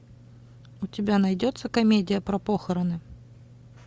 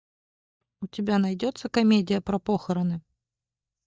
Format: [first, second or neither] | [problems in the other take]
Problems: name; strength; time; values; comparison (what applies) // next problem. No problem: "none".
first | noise reduction (neural mask model DeepFilterNet 3)